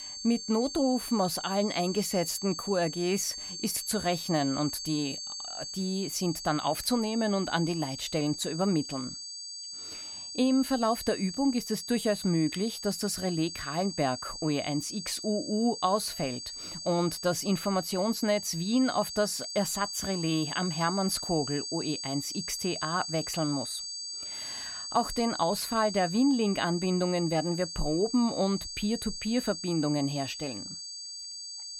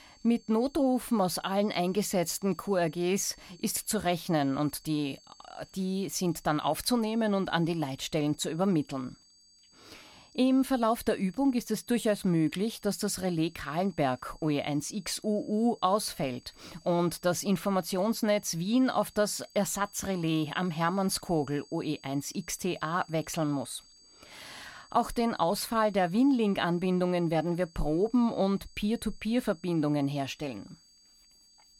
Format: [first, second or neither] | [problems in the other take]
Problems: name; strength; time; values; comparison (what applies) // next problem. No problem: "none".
second | high-pitched whine; loud; throughout; 4.5 kHz, 7 dB below the speech; faint in the second